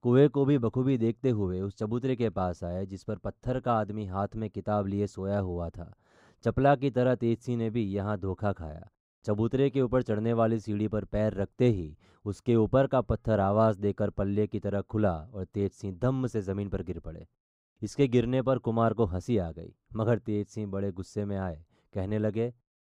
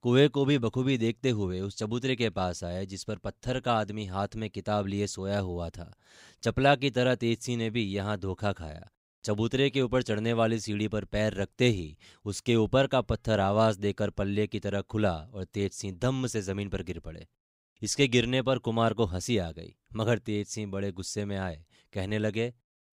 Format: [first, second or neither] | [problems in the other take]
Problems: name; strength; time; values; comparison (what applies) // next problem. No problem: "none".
second | muffled; slightly; fading above 1.5 kHz